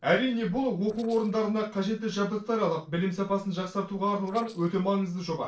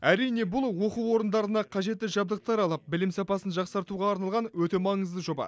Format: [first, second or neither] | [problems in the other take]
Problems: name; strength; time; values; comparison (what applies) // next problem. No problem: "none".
second | noise reduction (neural separator model SepFormer DNS4)